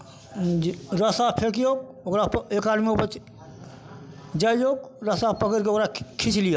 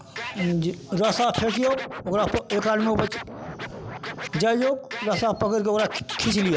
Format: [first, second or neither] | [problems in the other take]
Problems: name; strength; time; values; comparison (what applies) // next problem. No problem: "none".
first | background sound (Scratching (performance technique)); 10 dB below the speech